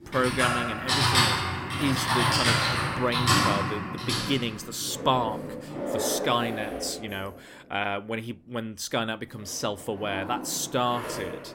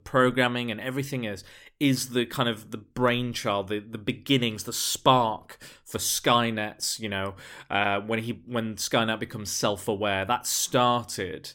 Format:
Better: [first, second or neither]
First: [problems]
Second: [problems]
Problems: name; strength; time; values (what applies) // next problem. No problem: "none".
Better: second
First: household noises; very loud; throughout; 3 dB above the speech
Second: none